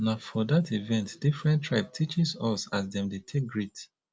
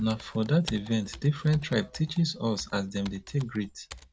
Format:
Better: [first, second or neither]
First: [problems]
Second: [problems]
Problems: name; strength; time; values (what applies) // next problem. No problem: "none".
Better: first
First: none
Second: background sound (Computer keyboard); 18 dB below the speech